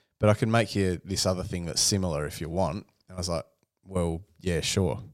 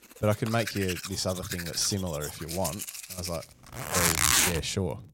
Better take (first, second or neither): first